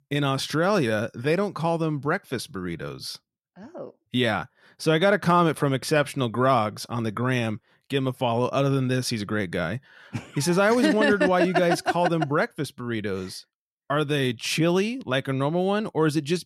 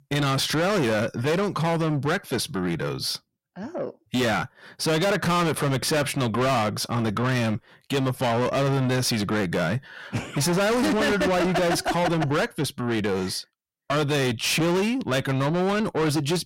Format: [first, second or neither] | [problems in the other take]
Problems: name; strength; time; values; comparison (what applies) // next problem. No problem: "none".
first | distortion; heavy; 6 dB below the speech